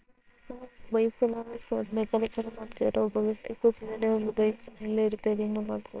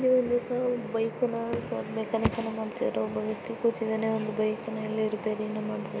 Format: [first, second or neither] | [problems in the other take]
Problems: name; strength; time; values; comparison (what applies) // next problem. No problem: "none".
second | noise reduction (neural separator model SepFormer WHAMR!)